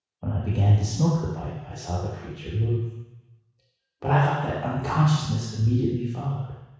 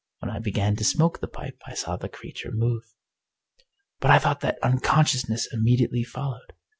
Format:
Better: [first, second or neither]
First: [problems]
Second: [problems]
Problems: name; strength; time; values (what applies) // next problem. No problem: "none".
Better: second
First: room echo; dies away in 1.1 s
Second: none